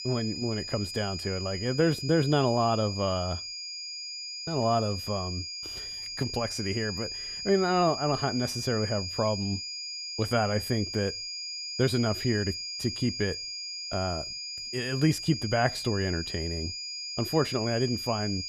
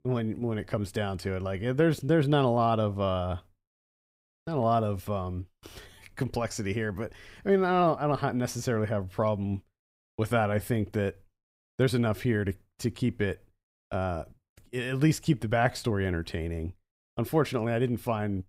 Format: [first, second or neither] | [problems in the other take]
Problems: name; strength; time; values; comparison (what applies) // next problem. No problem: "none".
second | high-pitched whine; loud; throughout; 5 kHz, 5 dB below the speech